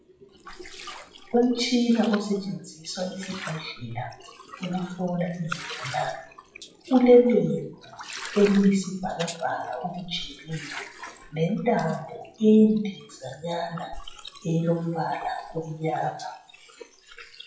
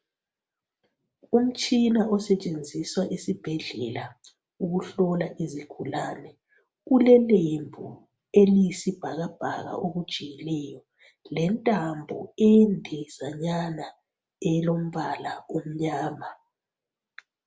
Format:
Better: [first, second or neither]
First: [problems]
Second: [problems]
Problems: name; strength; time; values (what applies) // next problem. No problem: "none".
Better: second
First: noise reduction (classical method WPE with log-MMSE)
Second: none